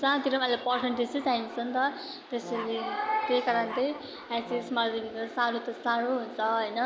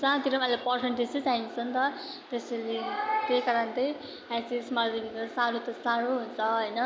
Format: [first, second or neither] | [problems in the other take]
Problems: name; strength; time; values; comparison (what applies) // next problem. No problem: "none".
second | background sound (Brass instrument + Dog); 14 dB below the speech